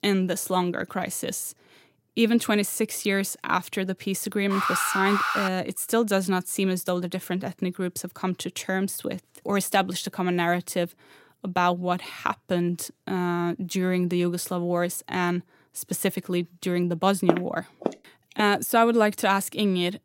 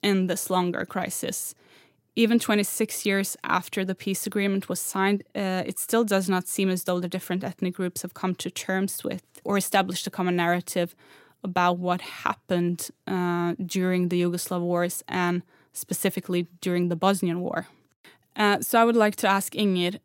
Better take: second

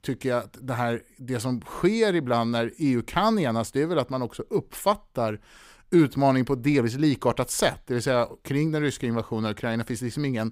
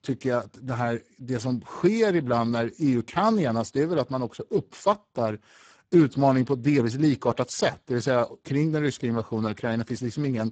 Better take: first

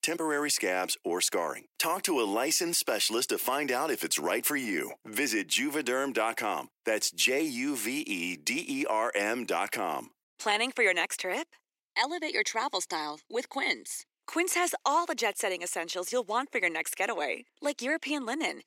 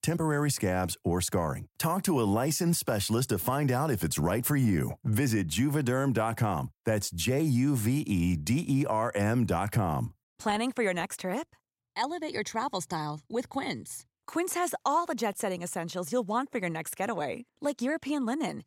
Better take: second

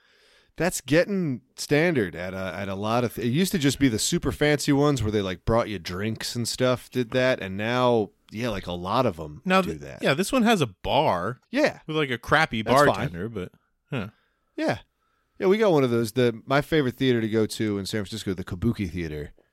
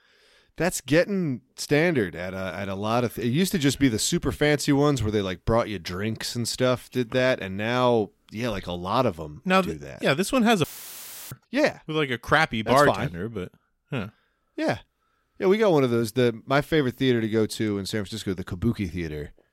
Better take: first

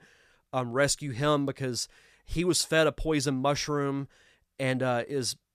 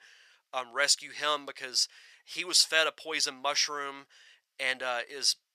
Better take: first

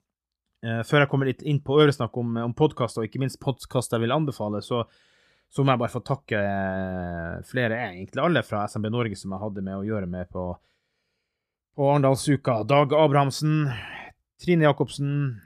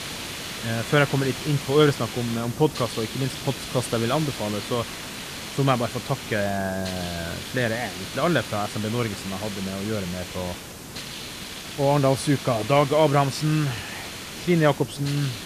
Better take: first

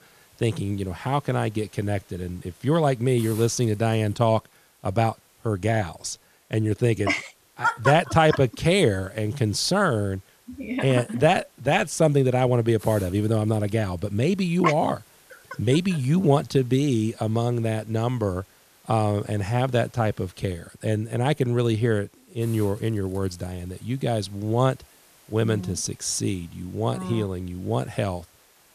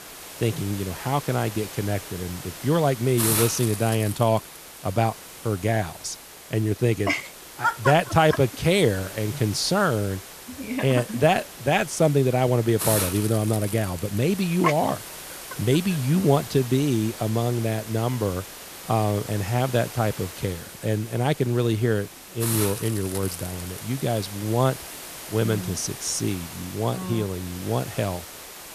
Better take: first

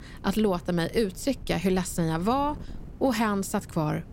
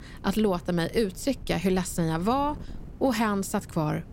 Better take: neither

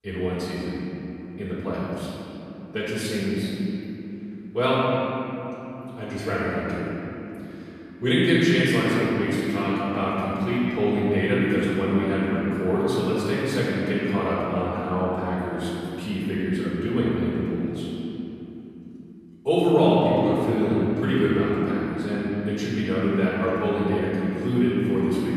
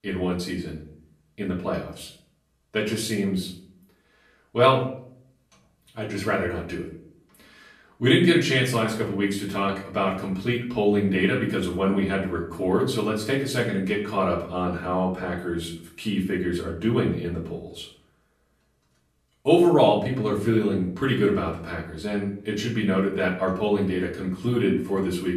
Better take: second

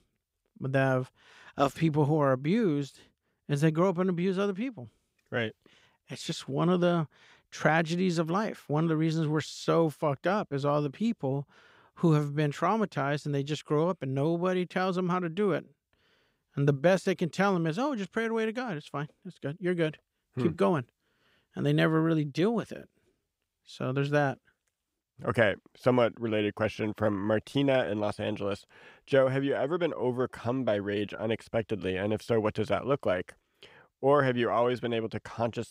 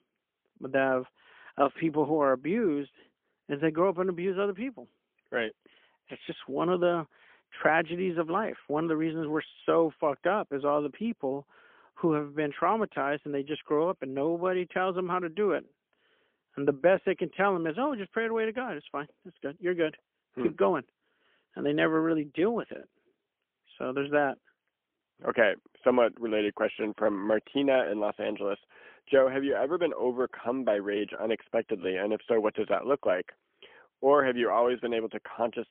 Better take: first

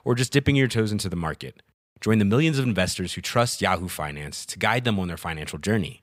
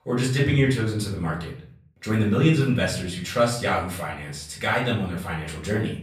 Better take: first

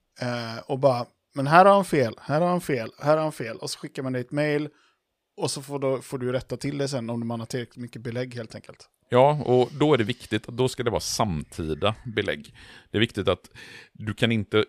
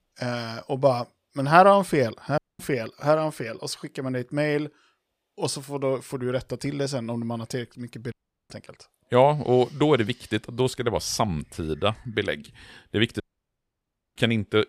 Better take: first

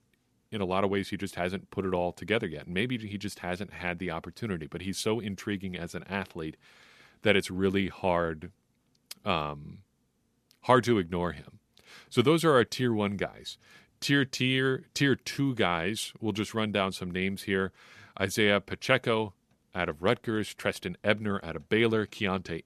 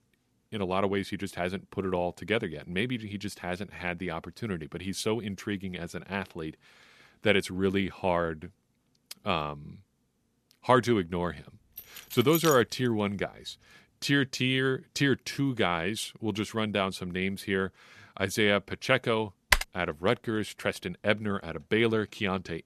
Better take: first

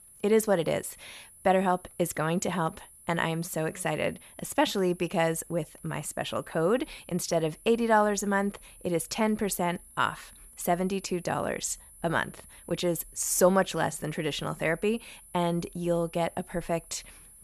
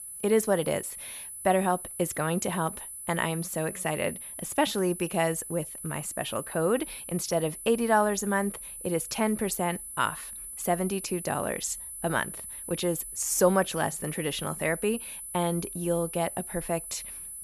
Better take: first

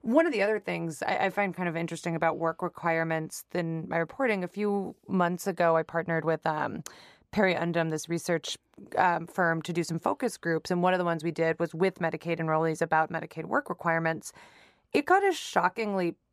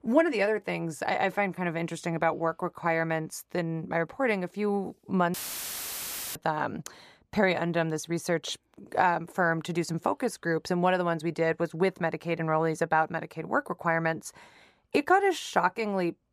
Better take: first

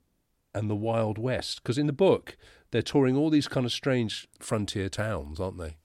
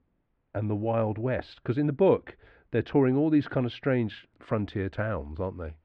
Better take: first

